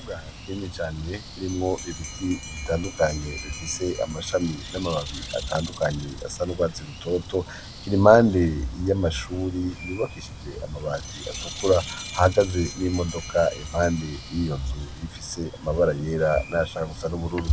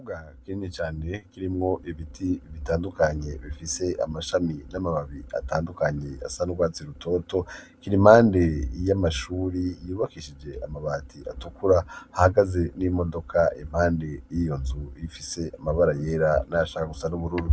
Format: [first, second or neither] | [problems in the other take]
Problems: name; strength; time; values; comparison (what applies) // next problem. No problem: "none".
second | background sound (Bell + Bird); 13 dB below the speech